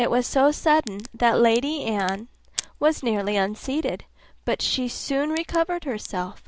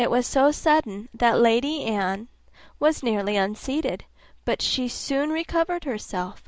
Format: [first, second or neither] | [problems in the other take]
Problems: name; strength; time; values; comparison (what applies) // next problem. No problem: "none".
second | background sound (Crack); 20 dB below the speech